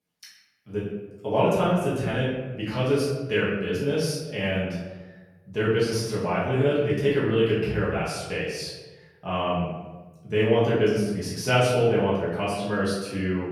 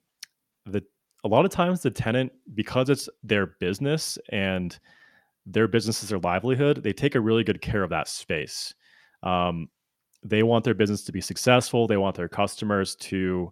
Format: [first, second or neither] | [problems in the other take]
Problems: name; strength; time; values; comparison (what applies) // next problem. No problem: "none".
second | off-mic speech; far // room echo; noticeable; dies away in 1 s